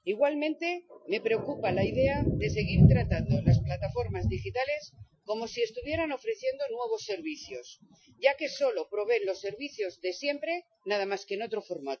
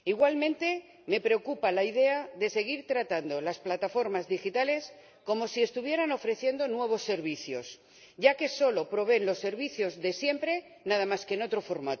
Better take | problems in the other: second | noise reduction (classical method Wiener filter)

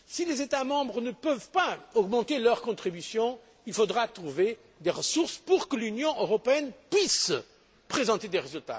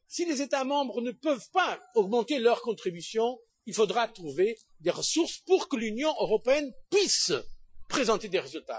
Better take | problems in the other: first | noise reduction (classical method Wiener filter)

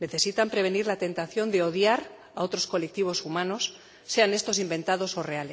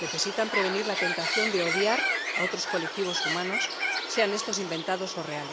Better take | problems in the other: first | background sound (Bird); as loud as the speech

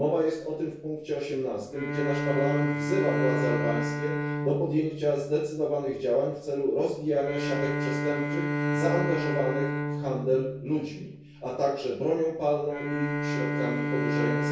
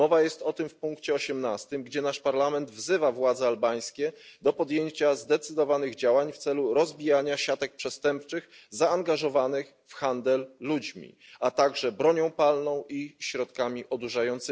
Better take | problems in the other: second | background sound (Bowed string instrument); 2 dB below the speech // room echo; dies away in 0.6 s

